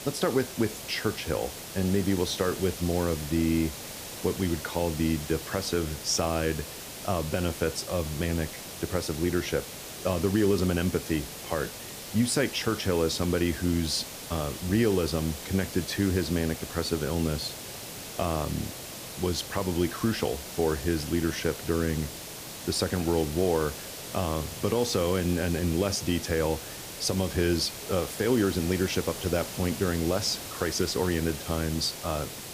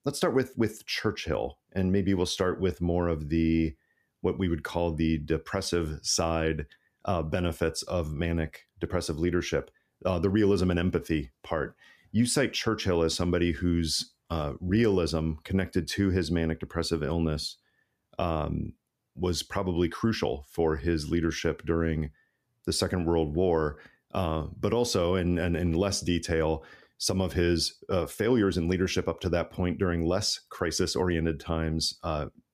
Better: second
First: hiss; loud; throughout; 9 dB below the speech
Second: none

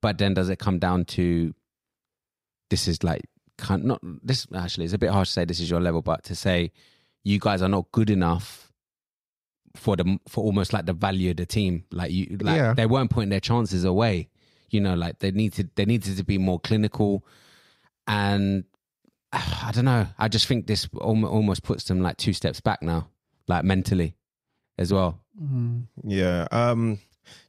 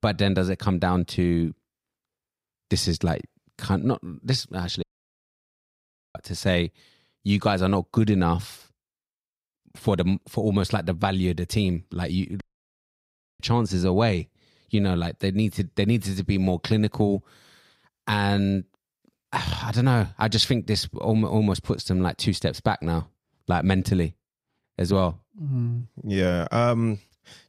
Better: first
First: none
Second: audio cutting out; at 5 s for 1.5 s and at 12 s for 1 s

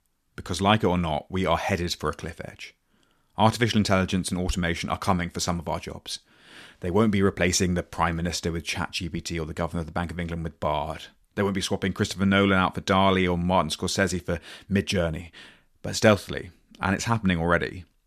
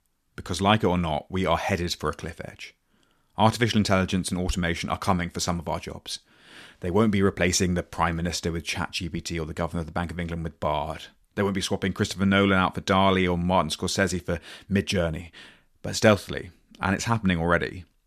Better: neither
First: none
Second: none

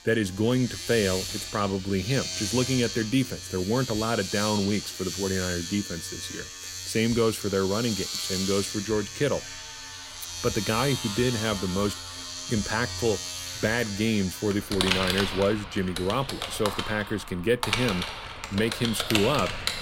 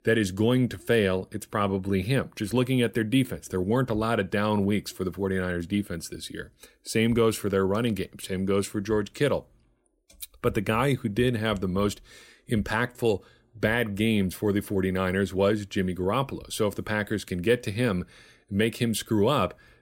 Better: second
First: household noises; loud; throughout; 4 dB below the speech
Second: none

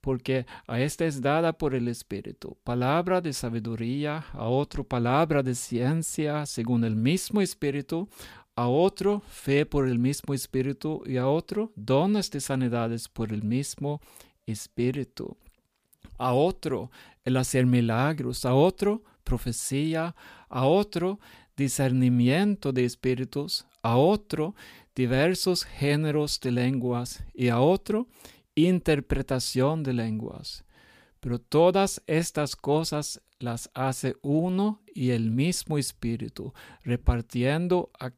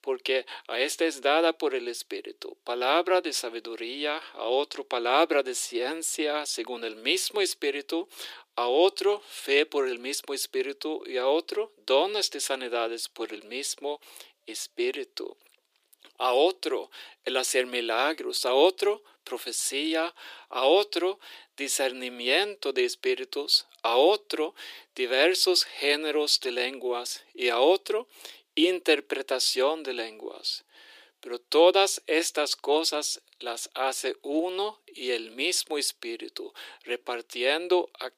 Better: first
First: none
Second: thin; very; fading below 350 Hz

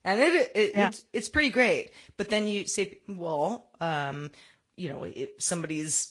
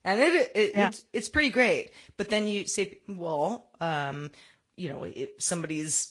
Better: neither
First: garbled, watery; slightly; nothing above 10 kHz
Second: garbled, watery; slightly; nothing above 10 kHz

